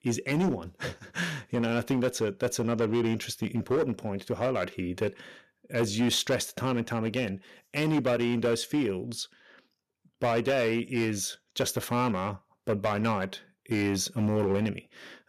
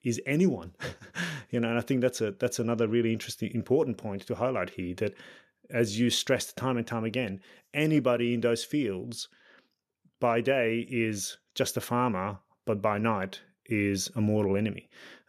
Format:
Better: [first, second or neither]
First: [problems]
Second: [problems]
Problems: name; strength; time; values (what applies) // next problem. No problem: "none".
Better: second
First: distortion; slight; 7% of the sound clipped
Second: none